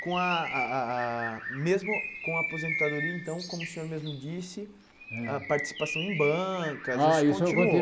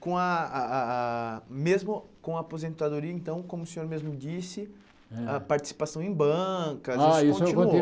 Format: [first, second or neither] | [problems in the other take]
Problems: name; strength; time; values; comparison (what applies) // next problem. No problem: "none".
second | background sound (Bird); 7 dB below the speech